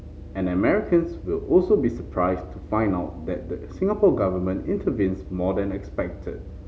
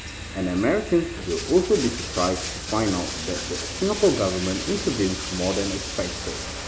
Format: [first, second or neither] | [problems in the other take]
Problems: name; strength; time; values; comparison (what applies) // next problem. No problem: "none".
first | background sound (Bathtub (filling or washing)); 8 dB below the speech